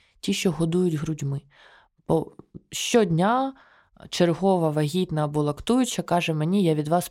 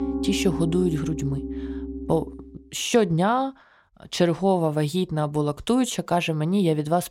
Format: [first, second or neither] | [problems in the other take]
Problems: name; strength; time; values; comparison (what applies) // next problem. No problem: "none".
first | background music; loud; until 2.5 s; 7 dB below the speech